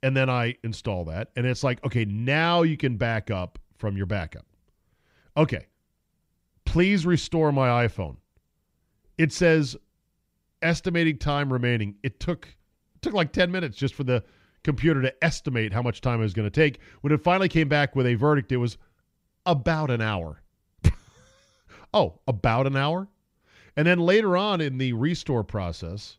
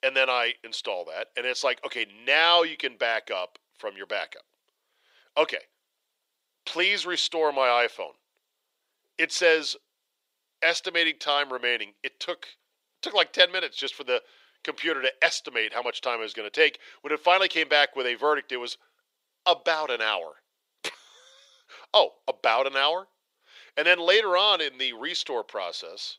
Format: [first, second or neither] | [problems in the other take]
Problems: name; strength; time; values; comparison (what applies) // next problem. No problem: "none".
first | thin; very; fading below 450 Hz